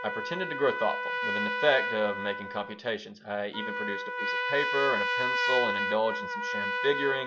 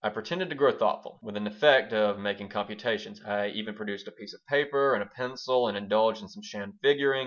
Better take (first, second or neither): second